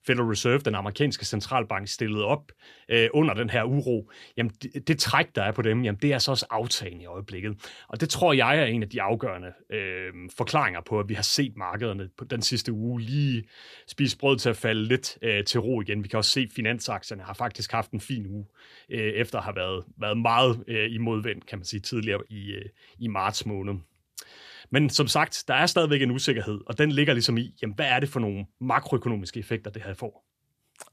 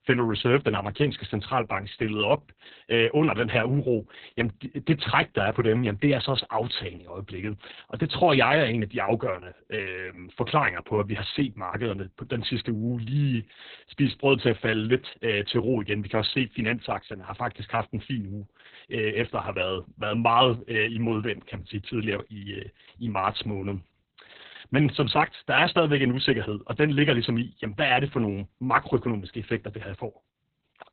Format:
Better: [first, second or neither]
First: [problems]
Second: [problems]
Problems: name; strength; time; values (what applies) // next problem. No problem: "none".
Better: first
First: none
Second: garbled, watery; badly; nothing above 4 kHz